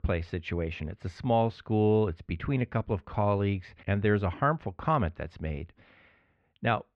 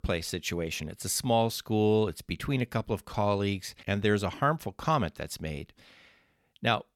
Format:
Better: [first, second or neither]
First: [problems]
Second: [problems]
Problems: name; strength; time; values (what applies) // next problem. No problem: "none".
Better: second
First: muffled; very; fading above 2.5 kHz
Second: none